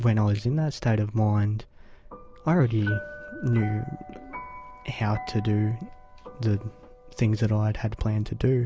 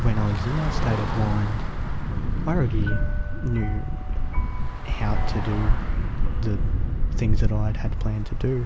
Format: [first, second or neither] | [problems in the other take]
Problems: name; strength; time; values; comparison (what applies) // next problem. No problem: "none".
first | background sound (Traffic noise, roadway noise / Bus); 5 dB above the speech